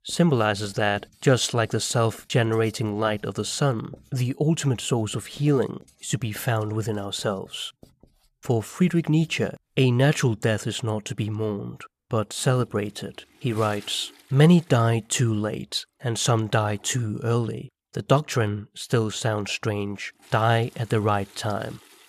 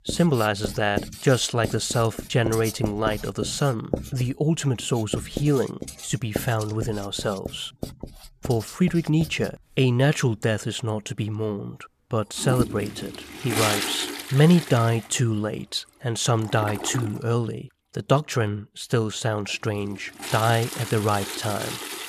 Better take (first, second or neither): first